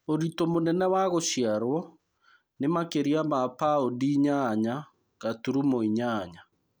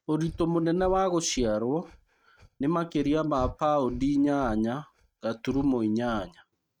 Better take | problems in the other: first | noise reduction (neural mask model RNNoise)

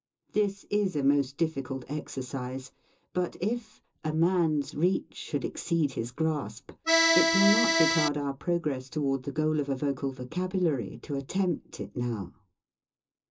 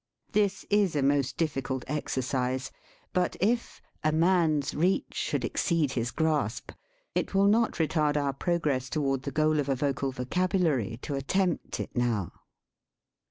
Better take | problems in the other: second | background sound (Accordion); 5 dB above the speech // room echo; dies away in 0.2 s

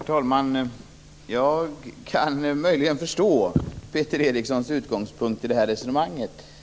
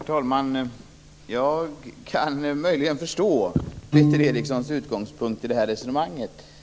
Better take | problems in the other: first | background sound (Piano); 5 dB below the speech

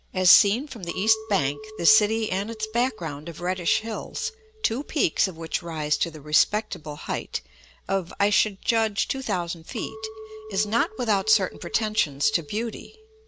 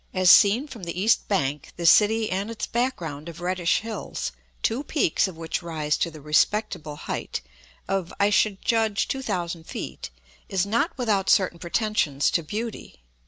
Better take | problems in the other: second | background sound (Chink, clink); 18 dB below the speech

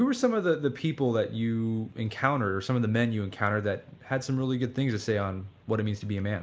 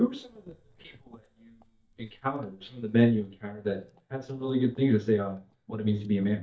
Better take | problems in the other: first | noise reduction (neural mask model DeepFilterNet 3)

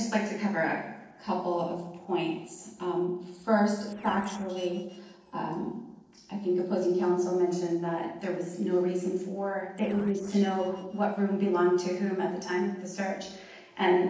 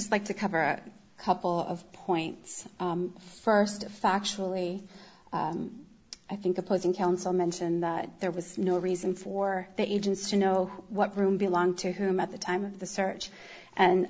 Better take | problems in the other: second | noise reduction (neural separator model SepFormer DNS4)

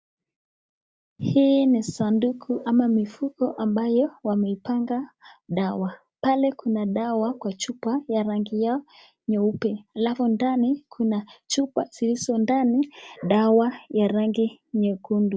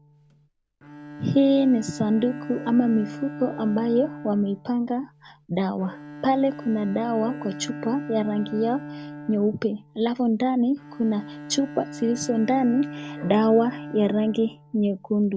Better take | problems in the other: first | background sound (Bowed string instrument); 14 dB below the speech

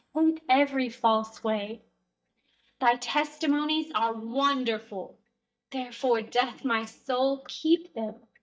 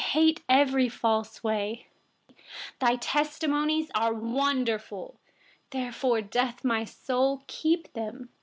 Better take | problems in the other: second | noise reduction (neural mask model DeepFilterNet 3)

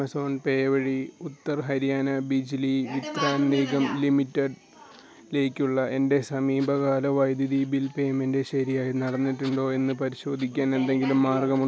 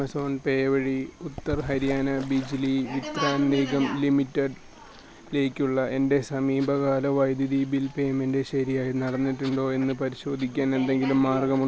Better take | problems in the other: first | background sound (Bird / Fowl); 19 dB below the speech

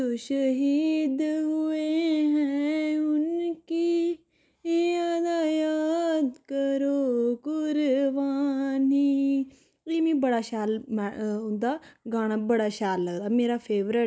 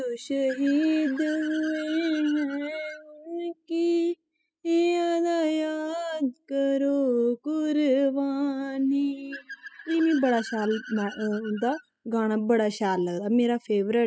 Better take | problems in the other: first | noise reduction (classical method spectral subtraction)

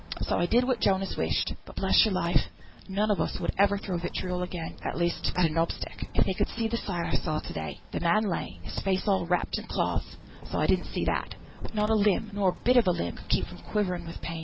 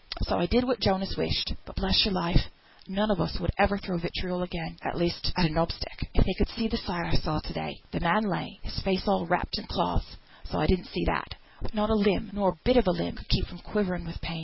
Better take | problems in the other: second | background sound (Squeak); 17 dB below the speech

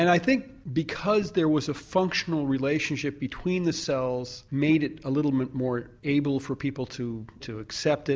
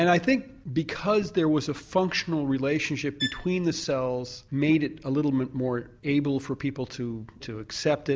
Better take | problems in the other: first | background sound (Bowed string instrument); 11 dB below the speech

